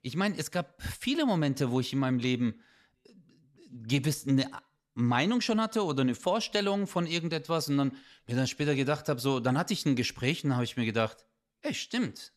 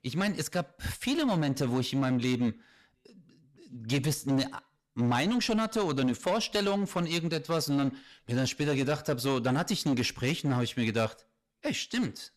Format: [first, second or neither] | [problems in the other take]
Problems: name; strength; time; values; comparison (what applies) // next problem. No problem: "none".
first | distortion; slight; 10% of the sound clipped